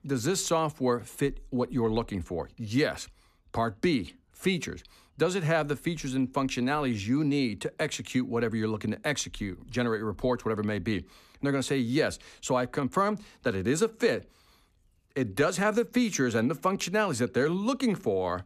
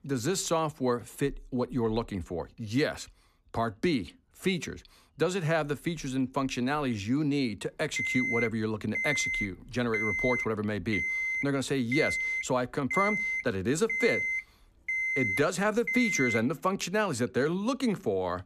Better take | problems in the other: first | alarm; loud; from 8 to 16 s; peak 3 dB above the speech

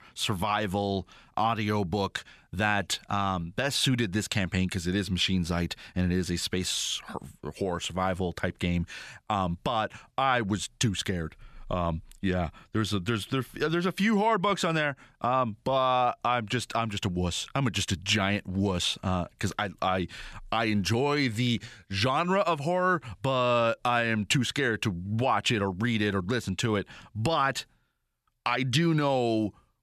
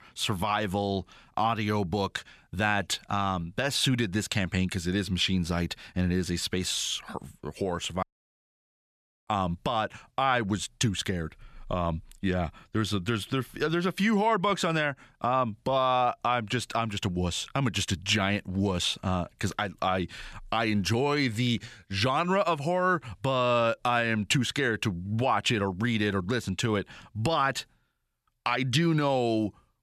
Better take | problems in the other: first | audio cutting out; at 8 s for 1 s

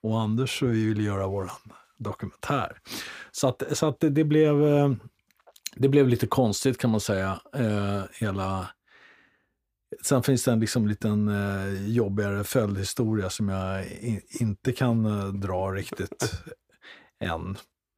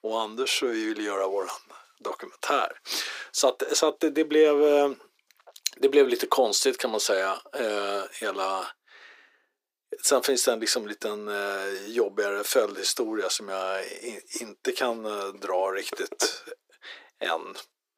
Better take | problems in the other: first | thin; very; fading below 350 Hz

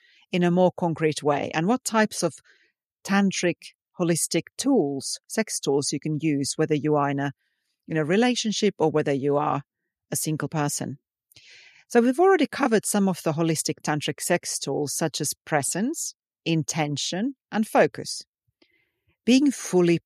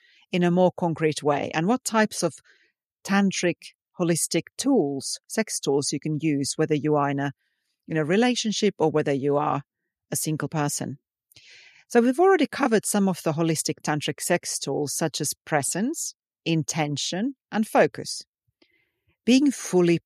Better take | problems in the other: neither | none

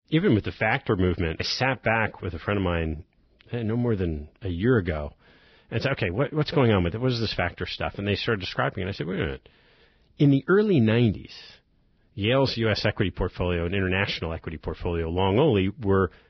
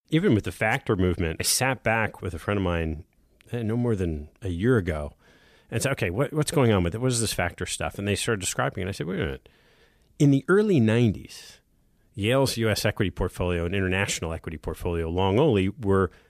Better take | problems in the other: second | garbled, watery; badly; nothing above 5.5 kHz

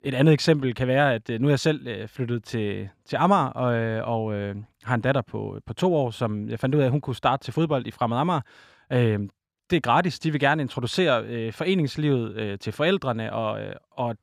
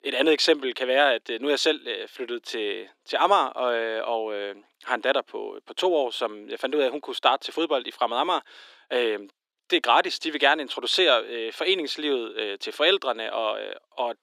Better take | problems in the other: first | thin; very; fading below 300 Hz

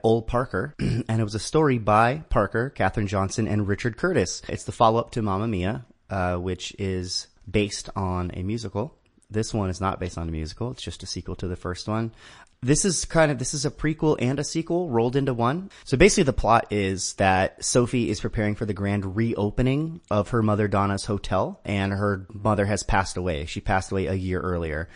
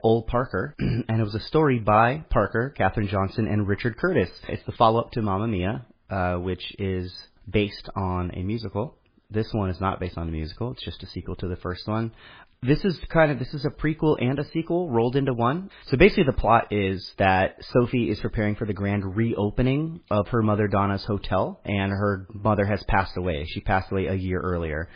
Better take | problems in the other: first | garbled, watery; badly; nothing above 5 kHz; slightly in the first

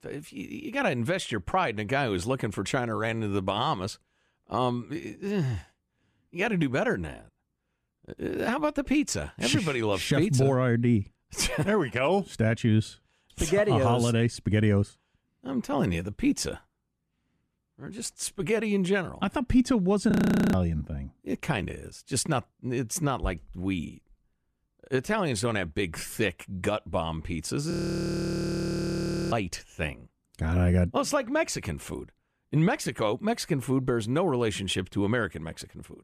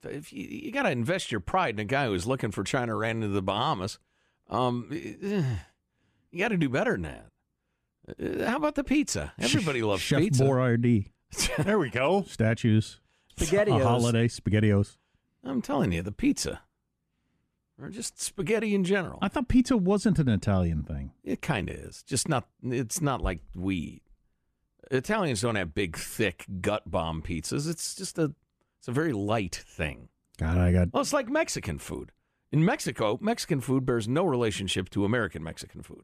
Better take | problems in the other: second | audio freezing; at 20 s and at 28 s for 1.5 s

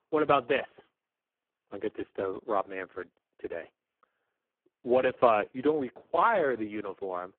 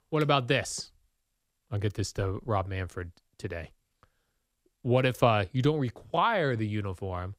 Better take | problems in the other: second | phone-call audio; poor line

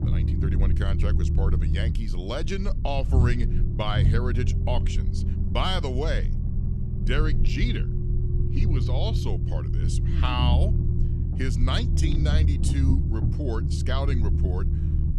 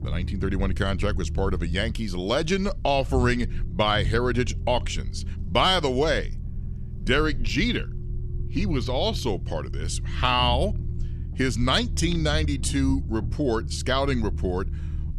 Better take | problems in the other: second | low rumble; loud; throughout; 6 dB below the speech; faint in the second

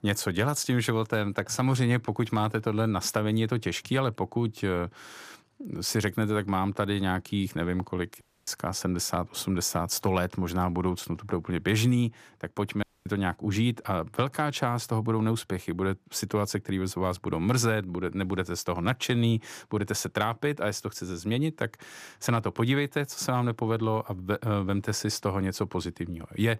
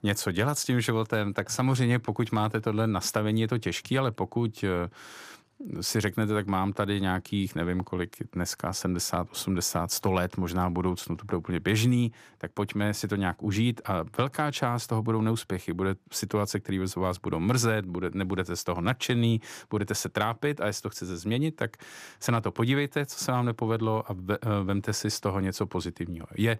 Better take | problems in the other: second | audio cutting out; at 8 s and at 13 s

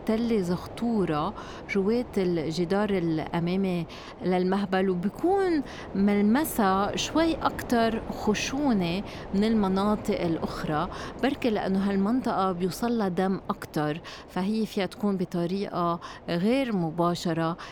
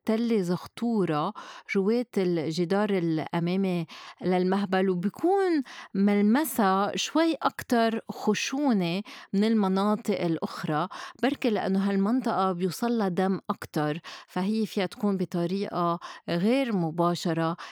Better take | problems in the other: second | wind noise on the microphone; occasional gusts; 15 dB below the speech

